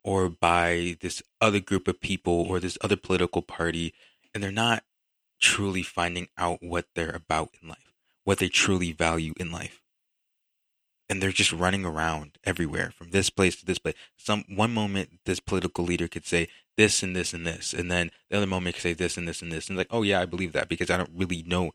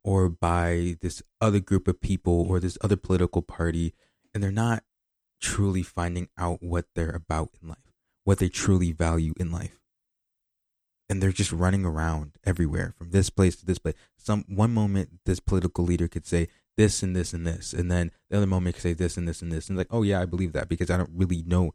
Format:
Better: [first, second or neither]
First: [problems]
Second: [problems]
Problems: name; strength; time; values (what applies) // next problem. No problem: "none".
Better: second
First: thin; somewhat; fading below 750 Hz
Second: none